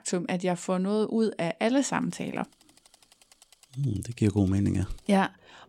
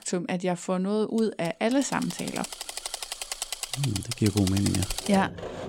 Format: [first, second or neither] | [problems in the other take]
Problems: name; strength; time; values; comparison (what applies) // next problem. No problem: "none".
first | machinery noise; loud; throughout; 6 dB below the speech; faint in the first